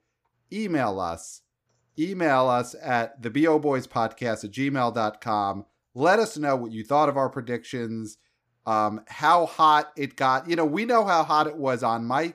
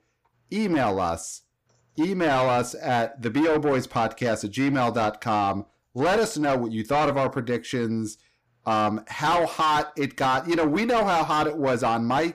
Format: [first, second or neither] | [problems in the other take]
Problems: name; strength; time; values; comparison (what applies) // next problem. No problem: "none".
first | distortion; heavy; 6 dB below the speech